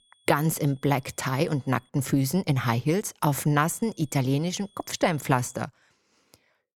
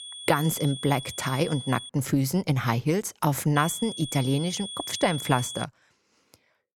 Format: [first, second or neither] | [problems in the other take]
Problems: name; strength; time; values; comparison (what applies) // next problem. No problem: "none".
first | high-pitched whine; loud; until 2 s and from 3.5 to 5.5 s; 3.5 kHz, 10 dB below the speech; faint in the first